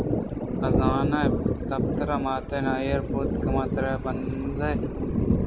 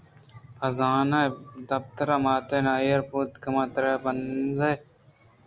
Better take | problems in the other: second | background sound (Thunder); 4 dB above the speech

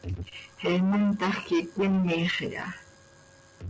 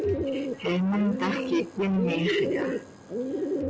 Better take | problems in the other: first | background sound (Bird); 1 dB below the speech

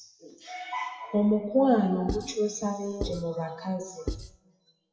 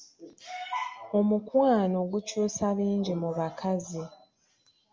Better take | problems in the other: second | noise reduction (classical method WPE with log-MMSE)

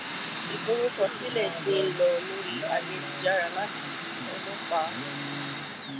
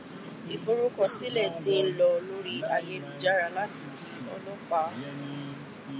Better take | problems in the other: second | background sound (Domestic sounds, home sounds); 7 dB below the speech

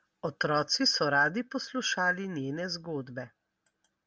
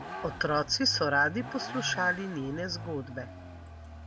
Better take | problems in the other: first | background sound (Vehicle); 11 dB below the speech

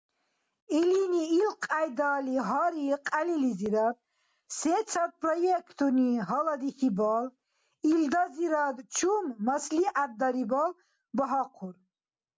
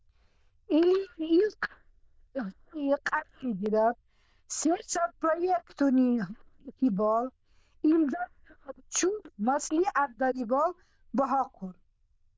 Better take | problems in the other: first | noise reduction (neural diffusion model UNIVERSE++)

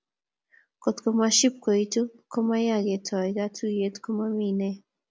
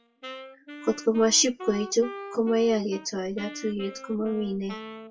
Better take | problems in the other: first | noise reduction (classical method WPE with log-MMSE)

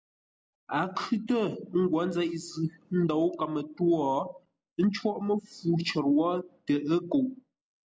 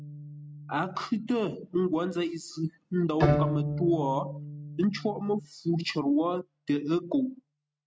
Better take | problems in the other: first | noise reduction (neural mask model RNNoise)

